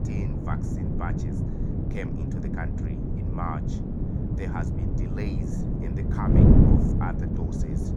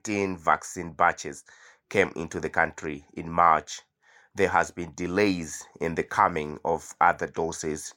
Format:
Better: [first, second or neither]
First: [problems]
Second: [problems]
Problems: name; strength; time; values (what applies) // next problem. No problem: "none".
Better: second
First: wind noise on the microphone; heavy; 4 dB above the speech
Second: none